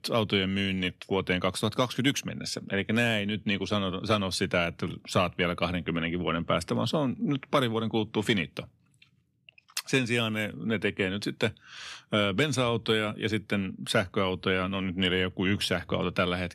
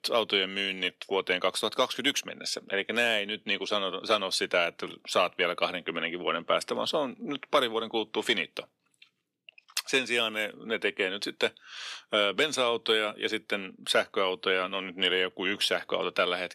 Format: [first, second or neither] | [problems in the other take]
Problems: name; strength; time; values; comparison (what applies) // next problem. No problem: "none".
first | thin; somewhat; fading below 450 Hz